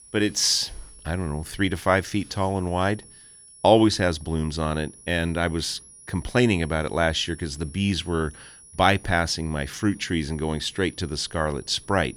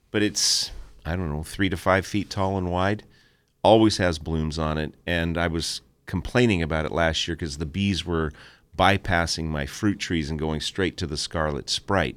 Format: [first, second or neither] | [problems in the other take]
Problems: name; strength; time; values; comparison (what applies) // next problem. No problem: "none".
second | high-pitched whine; faint; throughout; 10.5 kHz, 20 dB below the speech